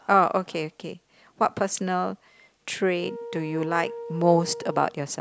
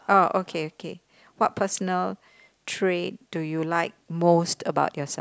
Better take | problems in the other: second | background sound (Wind instrument, woodwind instrument); 12 dB below the speech

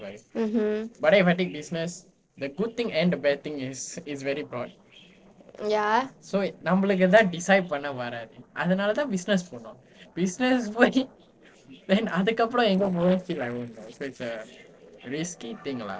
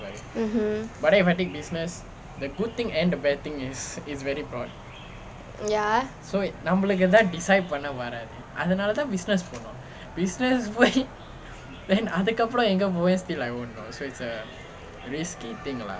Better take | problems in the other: second | noise reduction (neural separator model SepFormer DNS4)

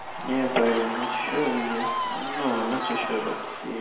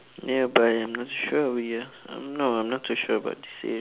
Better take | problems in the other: second | background sound (Crowd / Cheering); 3 dB below the speech // room echo; dies away in 1.5 s

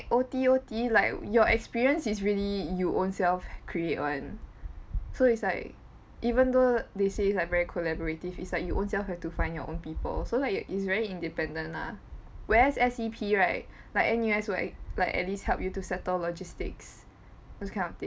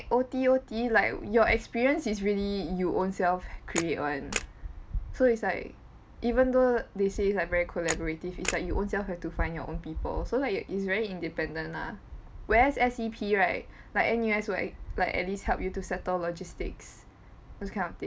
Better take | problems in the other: first | background sound (Camera); 11 dB below the speech

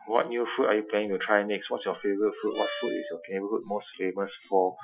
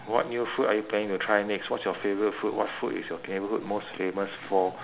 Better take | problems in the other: second | noise reduction (classical method Wiener filter)

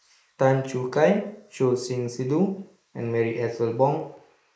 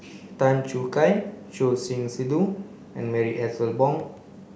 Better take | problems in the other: second | noise reduction (neural mask model Resemble Enhance denoiser)

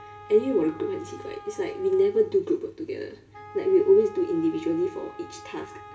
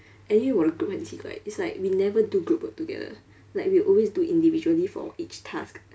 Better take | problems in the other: second | background sound (Wind instrument, woodwind instrument); 20 dB below the speech // room echo; dies away in 0.8 s

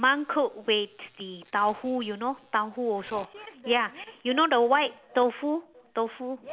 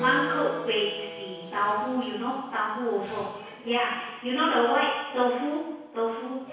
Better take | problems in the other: first | background sound (Keyboard (musical)); 14 dB below the speech // room echo; dies away in 1.1 s

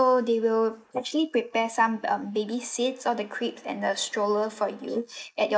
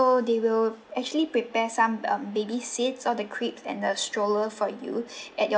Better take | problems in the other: second | noise reduction (neural mask model Resemble Enhance denoiser)

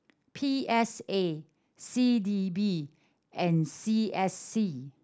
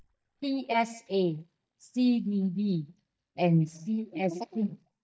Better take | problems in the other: first | noise reduction (neural mask model DeepFilterNet 3)

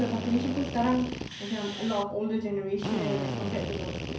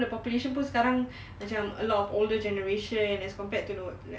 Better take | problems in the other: second | background sound (Drill); 5 dB below the speech // room echo; dies away in 0.6 s

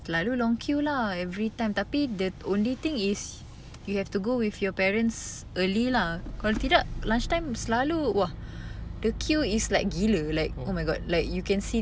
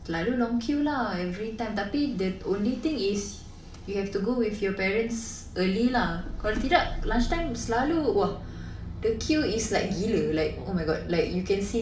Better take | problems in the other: first | room echo; dies away in 0.5 s

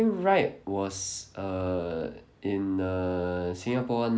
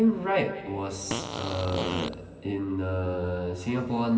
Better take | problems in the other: first | background sound (Fart); 5 dB below the speech // room echo; dies away in 2.6 s

